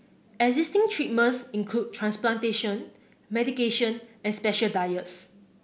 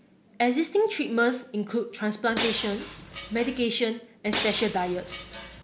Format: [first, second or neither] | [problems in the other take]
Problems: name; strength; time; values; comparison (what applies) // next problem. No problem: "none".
first | background sound (Shatter); 7 dB below the speech